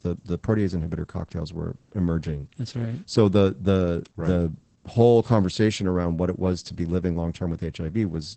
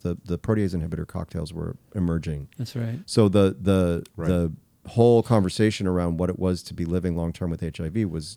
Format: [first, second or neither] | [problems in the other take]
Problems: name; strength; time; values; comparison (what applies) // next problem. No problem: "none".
second | garbled, watery; badly; nothing above 8 kHz